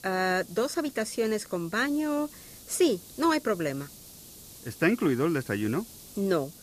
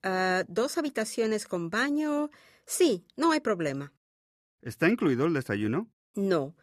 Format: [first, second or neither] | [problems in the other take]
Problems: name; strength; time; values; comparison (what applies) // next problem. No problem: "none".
second | hiss; noticeable; throughout; 20 dB below the speech